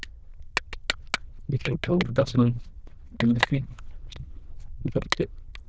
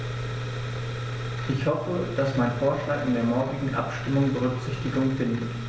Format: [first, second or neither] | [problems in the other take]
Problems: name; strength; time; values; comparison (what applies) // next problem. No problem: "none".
second | noise reduction (neural diffusion model UNIVERSE++)